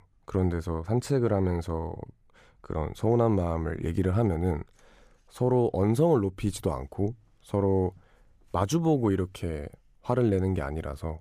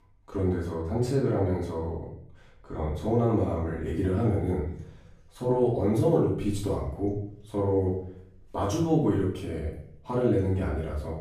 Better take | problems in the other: first | off-mic speech; far // room echo; noticeable; dies away in 0.6 s

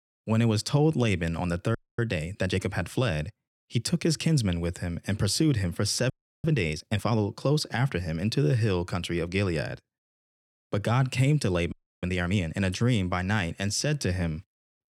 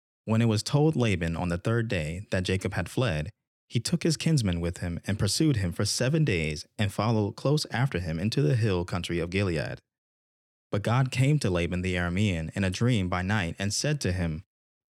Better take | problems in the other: second | audio freezing; at 2 s, at 6 s and at 12 s

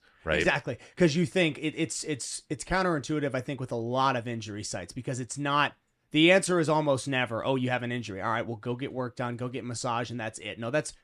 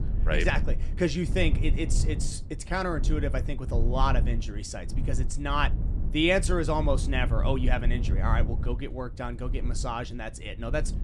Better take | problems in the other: first | low rumble; noticeable; throughout; 15 dB below the speech

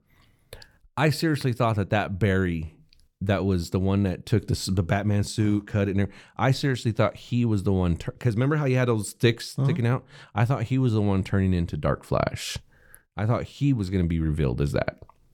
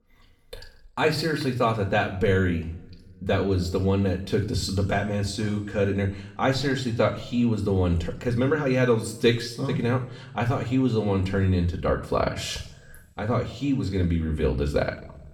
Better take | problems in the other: first | room echo; slight; dies away in 0.6 s // off-mic speech; somewhat distant

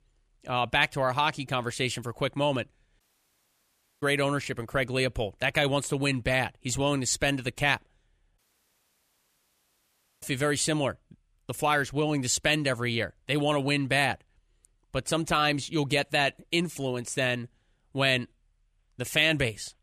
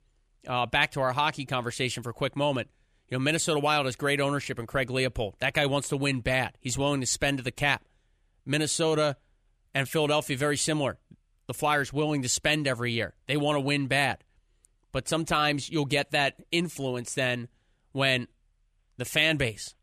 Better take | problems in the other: second | audio cutting out; at 3 s for 1 s and at 8.5 s for 2 s

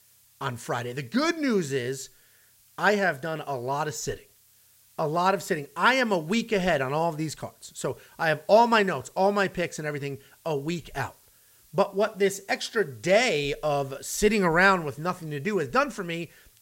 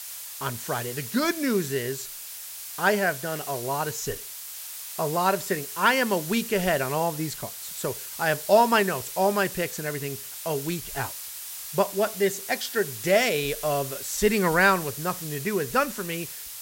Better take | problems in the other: first | hiss; loud; throughout; 9 dB below the speech; faint in the first

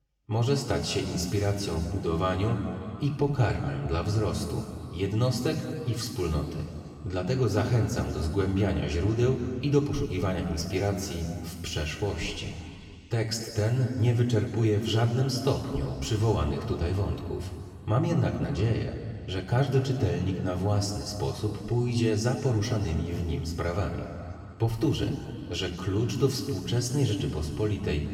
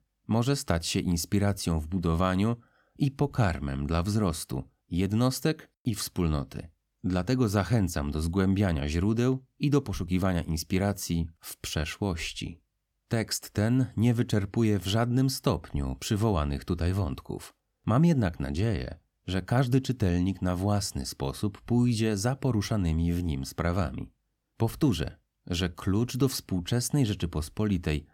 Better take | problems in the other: second | room echo; noticeable; dies away in 2.4 s // off-mic speech; far

